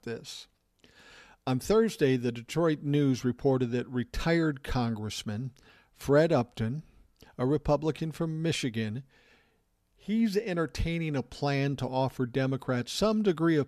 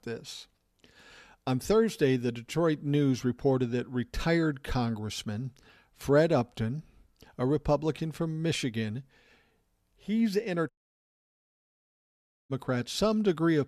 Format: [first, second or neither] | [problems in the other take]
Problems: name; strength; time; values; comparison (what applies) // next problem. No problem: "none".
first | audio cutting out; at 11 s for 2 s